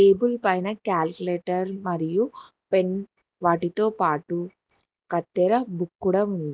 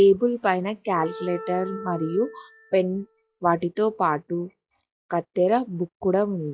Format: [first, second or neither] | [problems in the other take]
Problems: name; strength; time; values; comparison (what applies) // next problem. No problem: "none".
first | noise reduction (classical method log-MMSE)